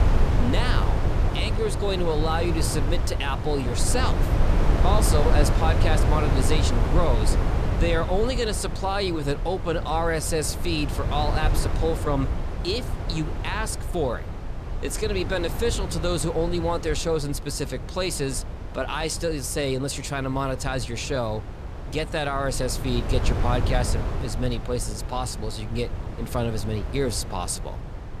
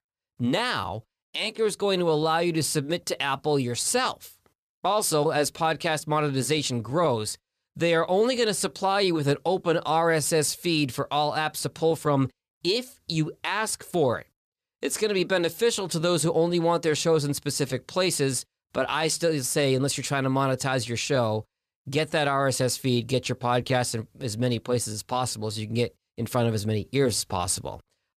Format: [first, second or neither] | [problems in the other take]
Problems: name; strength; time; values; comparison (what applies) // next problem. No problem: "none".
second | wind noise on the microphone; heavy; 7 dB below the speech